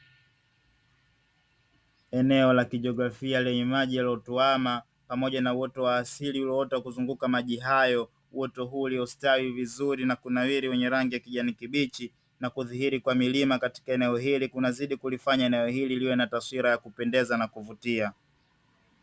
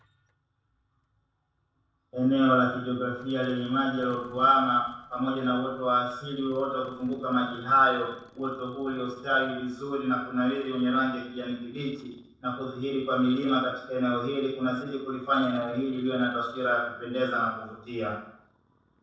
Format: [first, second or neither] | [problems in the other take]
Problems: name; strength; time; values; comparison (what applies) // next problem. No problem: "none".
first | noise reduction (neural separator model SepFormer DNS4)